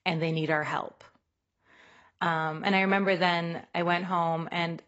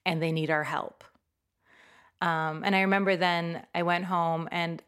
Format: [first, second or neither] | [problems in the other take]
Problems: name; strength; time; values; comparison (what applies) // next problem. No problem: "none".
second | garbled, watery; badly; nothing above 7.5 kHz